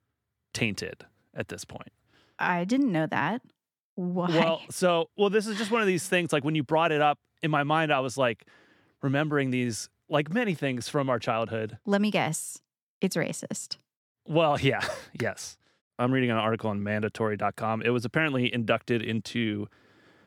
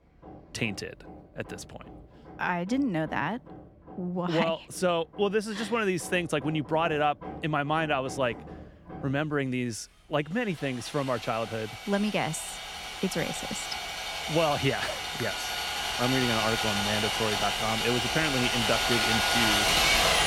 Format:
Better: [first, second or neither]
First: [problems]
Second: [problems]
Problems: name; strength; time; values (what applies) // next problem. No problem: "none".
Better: first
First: none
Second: machinery noise; very loud; throughout; 2 dB above the speech